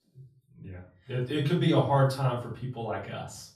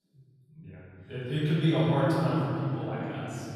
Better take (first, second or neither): first